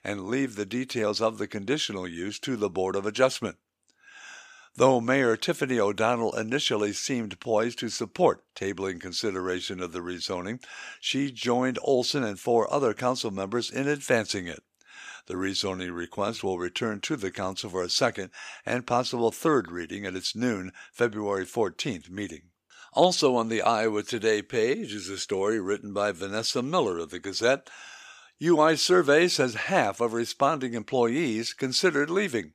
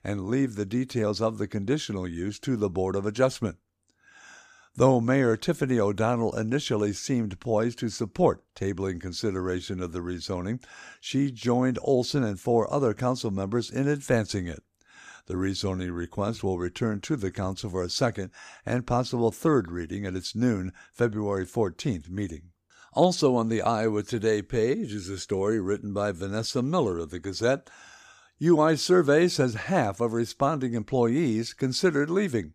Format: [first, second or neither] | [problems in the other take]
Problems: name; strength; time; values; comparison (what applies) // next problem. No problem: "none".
second | thin; very slightly; fading below 900 Hz